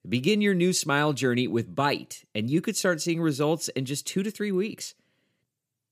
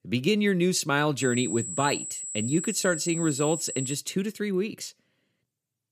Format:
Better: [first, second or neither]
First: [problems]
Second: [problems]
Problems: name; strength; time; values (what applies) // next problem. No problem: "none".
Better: first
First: none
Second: high-pitched whine; loud; from 1 to 4 s; 7.5 kHz, 6 dB below the speech